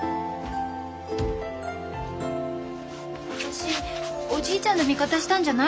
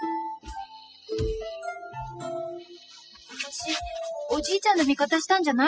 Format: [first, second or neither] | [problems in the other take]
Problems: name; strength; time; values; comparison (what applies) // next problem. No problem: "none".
first | noise reduction (classical method spectral subtraction)